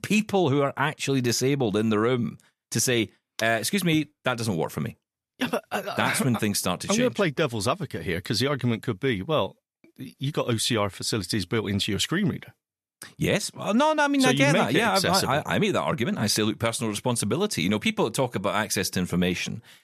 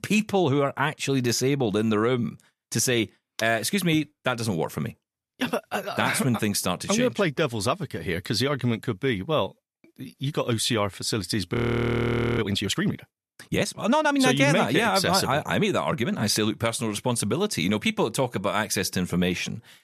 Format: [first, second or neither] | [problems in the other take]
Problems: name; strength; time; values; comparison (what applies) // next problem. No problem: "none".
first | audio freezing; at 12 s for 1 s